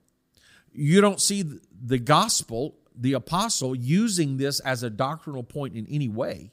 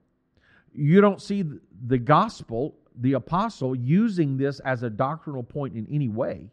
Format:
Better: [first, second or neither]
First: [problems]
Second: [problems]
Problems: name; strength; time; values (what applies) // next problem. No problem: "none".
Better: first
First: none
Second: muffled; very; fading above 2 kHz